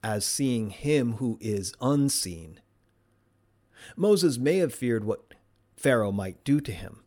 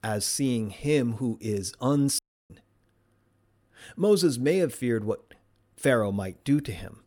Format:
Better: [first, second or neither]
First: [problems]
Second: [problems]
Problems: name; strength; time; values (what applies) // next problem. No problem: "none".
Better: first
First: none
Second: audio cutting out; at 2 s